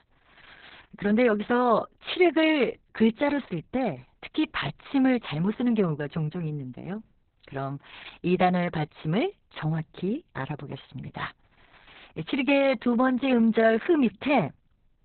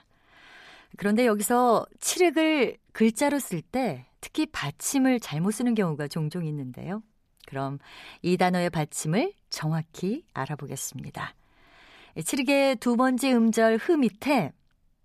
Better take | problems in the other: second | garbled, watery; badly; nothing above 4 kHz

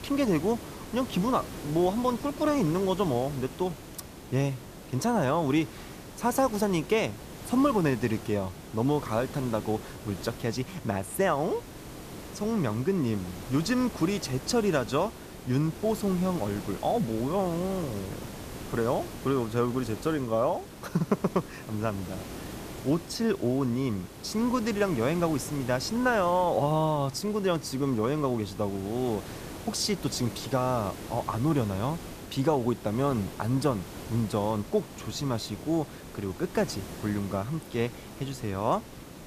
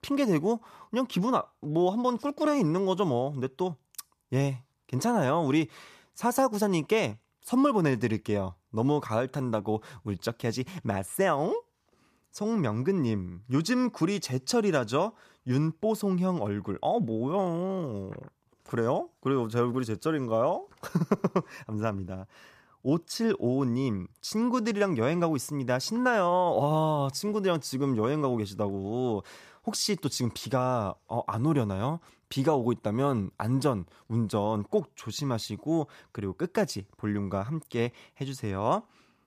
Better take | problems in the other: second | hiss; noticeable; throughout; 15 dB below the speech

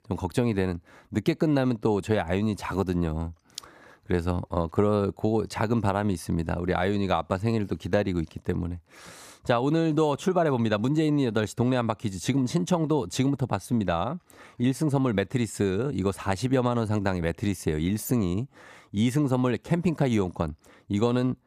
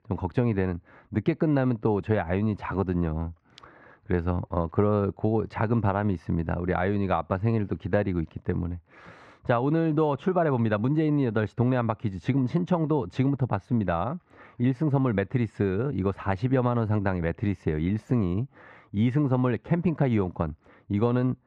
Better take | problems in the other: first | muffled; very; fading above 2 kHz

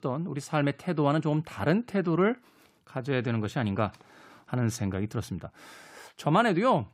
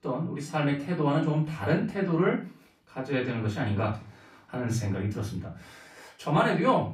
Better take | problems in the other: first | off-mic speech; far // room echo; slight; dies away in 0.4 s

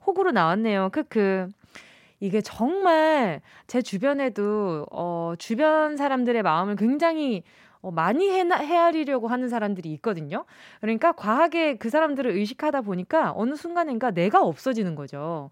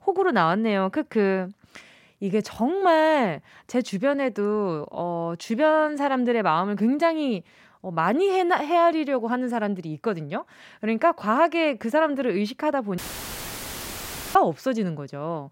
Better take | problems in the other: first | audio cutting out; filled with static; at 13 s for 1.5 s

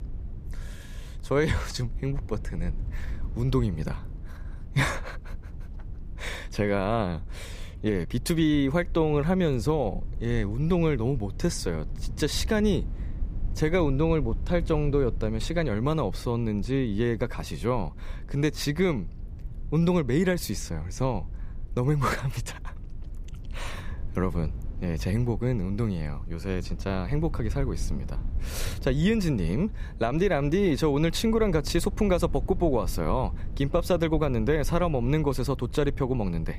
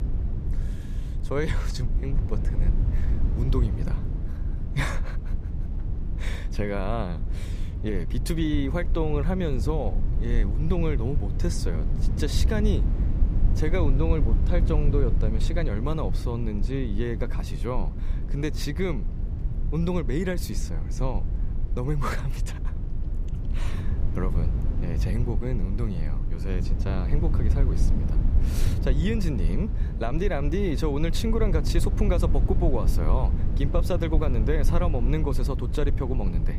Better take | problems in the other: first | low rumble; loud; throughout; 9 dB below the speech; faint in the first

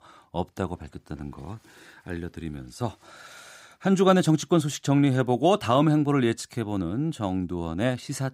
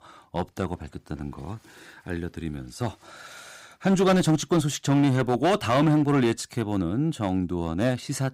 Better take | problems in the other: first | distortion; slight; 5% of the sound clipped

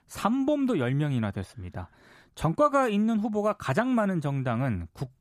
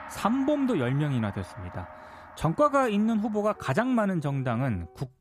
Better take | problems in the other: first | background music; noticeable; throughout; 20 dB below the speech

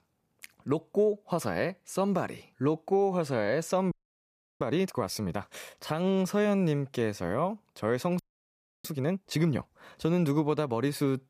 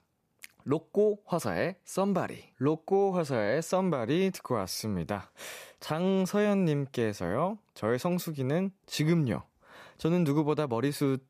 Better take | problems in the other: second | audio freezing; at 4 s for 0.5 s and at 8 s for 0.5 s

